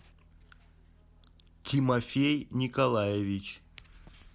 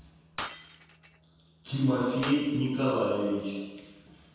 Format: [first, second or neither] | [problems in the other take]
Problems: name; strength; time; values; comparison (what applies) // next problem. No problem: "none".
first | background sound (Shatter); 14 dB below the speech // room echo; dies away in 1.2 s